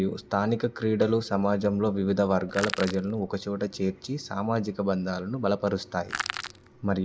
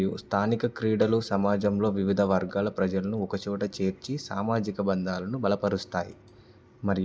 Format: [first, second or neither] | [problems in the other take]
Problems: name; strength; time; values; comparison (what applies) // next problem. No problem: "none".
second | background sound (Crushing); 7 dB below the speech